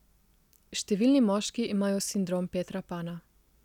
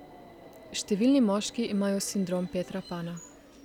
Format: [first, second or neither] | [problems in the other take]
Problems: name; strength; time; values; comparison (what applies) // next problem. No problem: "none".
first | background sound (Subway, metro, underground); 20 dB below the speech